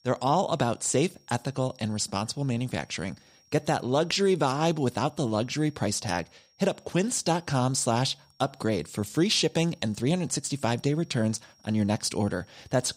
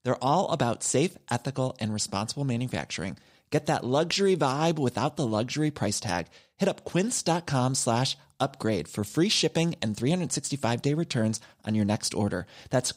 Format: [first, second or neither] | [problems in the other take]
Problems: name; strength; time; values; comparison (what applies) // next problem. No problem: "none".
second | high-pitched whine; faint; throughout; 5.5 kHz, 35 dB below the speech